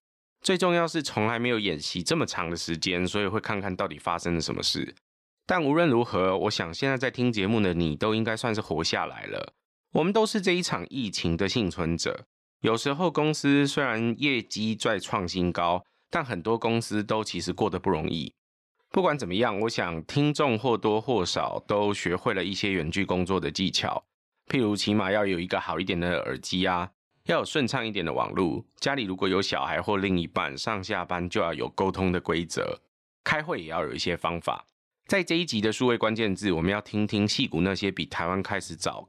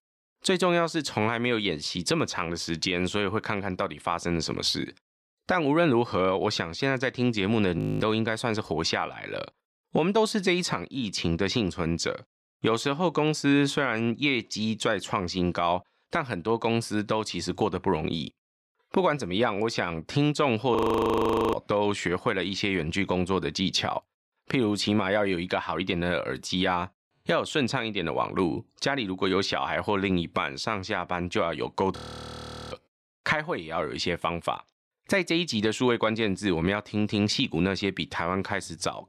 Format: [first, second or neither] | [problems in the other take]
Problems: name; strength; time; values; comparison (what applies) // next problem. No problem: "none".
first | audio freezing; at 8 s, at 21 s for 1 s and at 32 s for 1 s